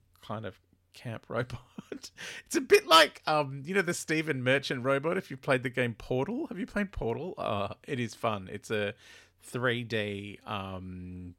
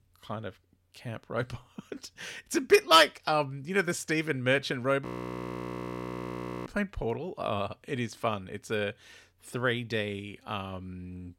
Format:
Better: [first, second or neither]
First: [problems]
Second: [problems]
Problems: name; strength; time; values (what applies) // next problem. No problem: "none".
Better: first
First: none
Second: audio freezing; at 5 s for 1.5 s